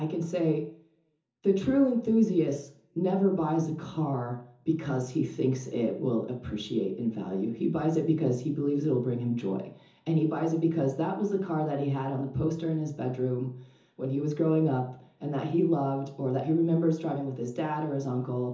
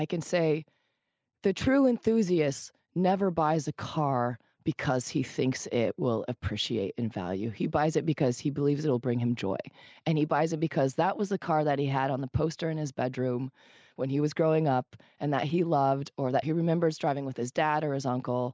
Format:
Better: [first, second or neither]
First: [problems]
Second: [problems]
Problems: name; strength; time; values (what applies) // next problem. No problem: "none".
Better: second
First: room echo; dies away in 0.6 s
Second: none